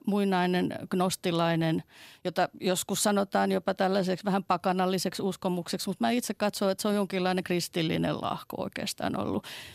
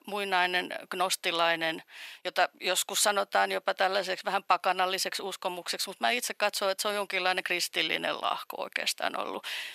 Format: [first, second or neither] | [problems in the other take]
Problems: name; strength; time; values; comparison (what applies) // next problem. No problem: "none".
first | thin; very; fading below 600 Hz